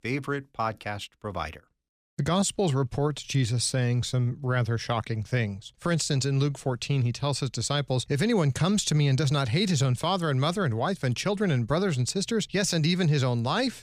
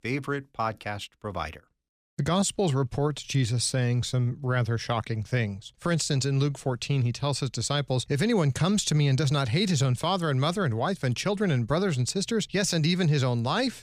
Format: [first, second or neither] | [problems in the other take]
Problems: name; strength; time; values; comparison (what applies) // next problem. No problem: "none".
neither | none